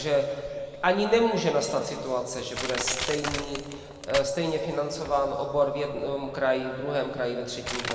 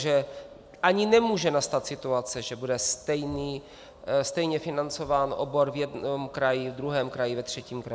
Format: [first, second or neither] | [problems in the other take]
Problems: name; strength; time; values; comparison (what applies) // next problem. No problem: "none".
second | background sound (Crushing); 11 dB below the speech // room echo; dies away in 2.2 s